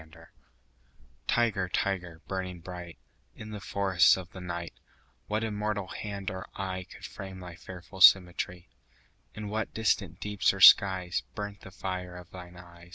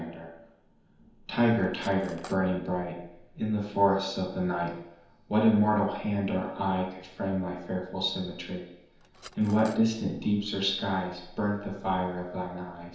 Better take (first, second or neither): first